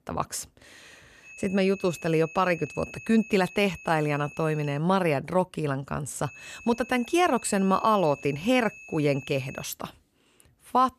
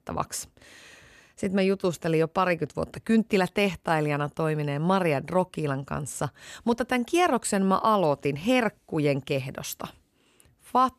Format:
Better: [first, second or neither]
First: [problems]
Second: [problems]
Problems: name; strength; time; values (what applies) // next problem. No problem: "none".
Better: second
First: high-pitched whine; noticeable; from 1.5 to 5 s and from 6.5 to 9.5 s; 2.5 kHz, 15 dB below the speech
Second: none